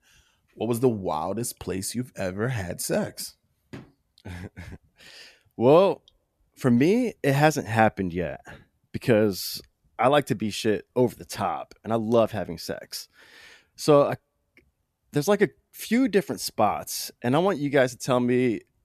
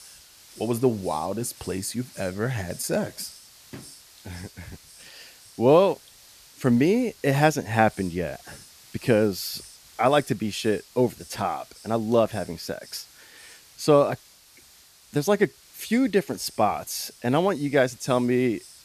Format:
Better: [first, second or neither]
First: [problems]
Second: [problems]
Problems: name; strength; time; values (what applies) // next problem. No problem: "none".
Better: first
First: none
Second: hiss; faint; throughout; 20 dB below the speech